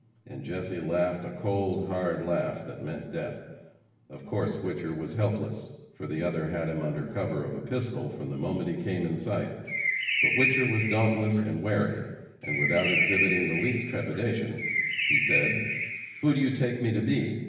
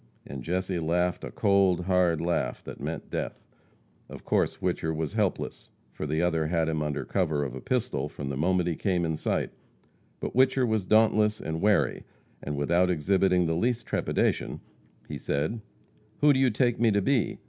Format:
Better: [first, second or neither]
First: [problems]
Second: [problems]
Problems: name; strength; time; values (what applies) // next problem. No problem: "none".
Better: second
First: background sound (Bird); 1 dB above the speech // room echo; dies away in 1.1 s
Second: none